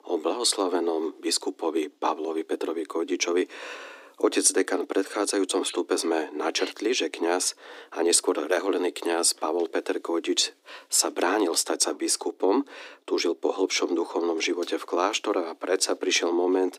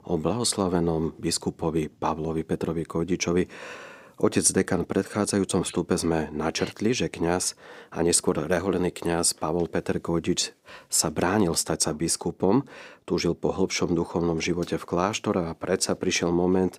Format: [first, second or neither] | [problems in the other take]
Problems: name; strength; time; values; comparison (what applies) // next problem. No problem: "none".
second | thin; very slightly; fading below 300 Hz